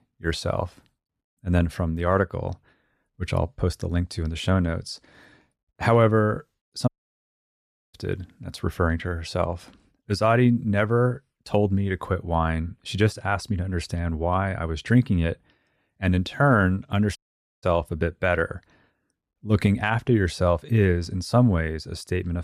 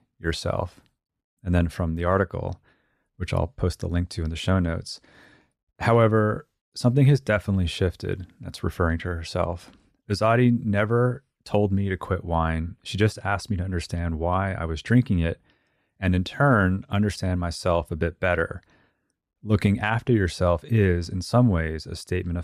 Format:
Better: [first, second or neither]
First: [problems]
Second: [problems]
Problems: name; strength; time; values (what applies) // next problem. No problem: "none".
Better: second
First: audio cutting out; at 7 s for 1 s and at 17 s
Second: none